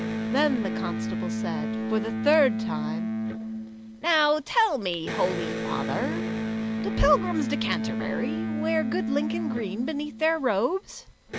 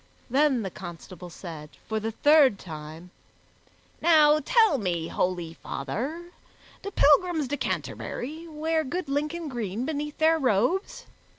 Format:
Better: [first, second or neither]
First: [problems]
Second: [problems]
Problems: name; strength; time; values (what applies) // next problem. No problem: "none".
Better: second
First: background sound (Electric guitar); 2 dB below the speech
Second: none